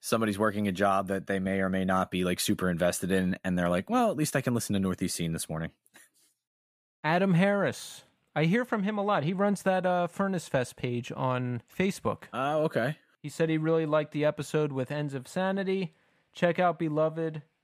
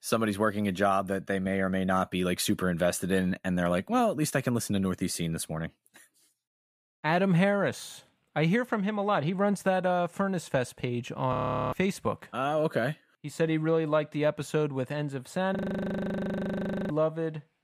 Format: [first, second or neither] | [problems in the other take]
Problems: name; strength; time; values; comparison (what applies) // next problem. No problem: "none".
first | audio freezing; at 11 s and at 16 s for 1.5 s